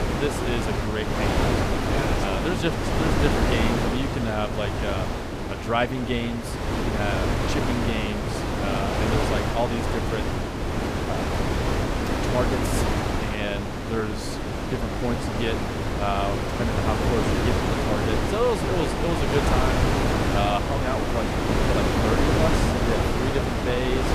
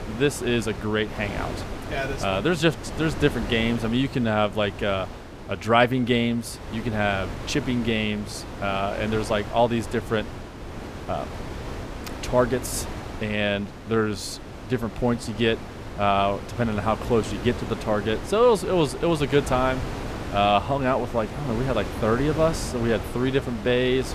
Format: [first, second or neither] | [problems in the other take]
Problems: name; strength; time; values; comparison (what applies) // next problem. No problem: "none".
second | wind noise on the microphone; heavy; 2 dB above the speech; occasional gusts in the second